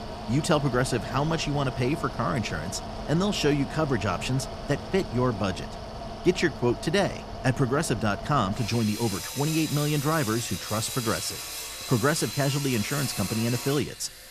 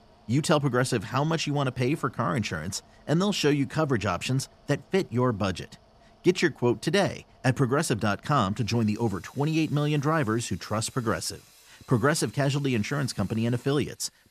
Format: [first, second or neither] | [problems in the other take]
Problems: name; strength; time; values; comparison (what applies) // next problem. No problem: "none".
second | machinery noise; loud; throughout; 8 dB below the speech; faint in the second